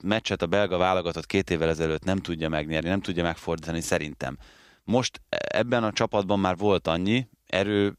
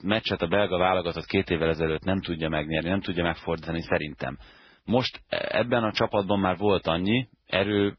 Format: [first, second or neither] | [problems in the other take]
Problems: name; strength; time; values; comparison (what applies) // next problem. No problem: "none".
first | garbled, watery; badly; nothing above 5.5 kHz